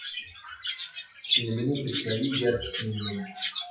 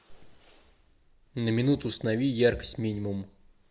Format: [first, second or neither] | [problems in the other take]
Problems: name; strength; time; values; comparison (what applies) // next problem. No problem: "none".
second | noise reduction (classical method WPE with log-MMSE)